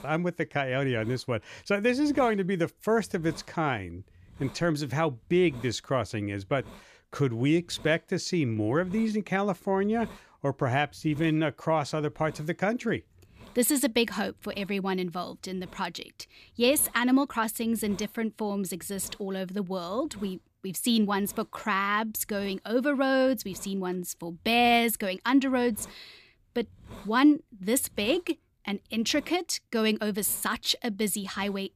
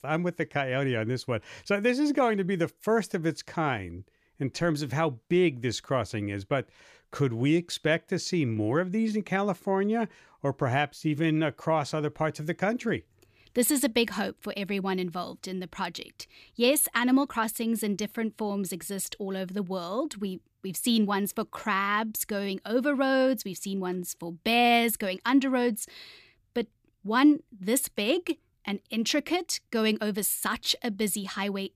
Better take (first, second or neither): second